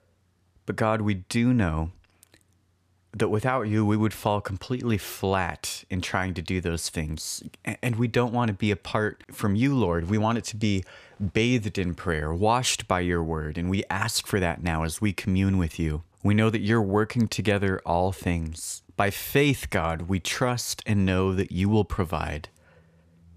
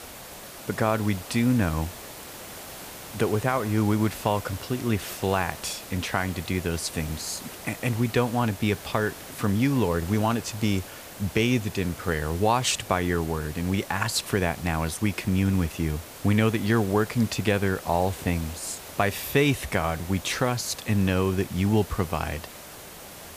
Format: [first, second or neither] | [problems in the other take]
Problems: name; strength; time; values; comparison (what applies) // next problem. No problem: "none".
first | hiss; noticeable; throughout; 15 dB below the speech